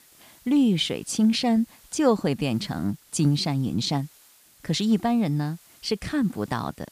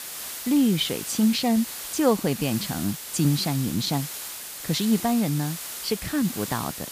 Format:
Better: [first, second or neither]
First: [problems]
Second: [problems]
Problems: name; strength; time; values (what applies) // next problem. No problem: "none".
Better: first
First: hiss; faint; throughout; 30 dB below the speech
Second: hiss; loud; throughout; 8 dB below the speech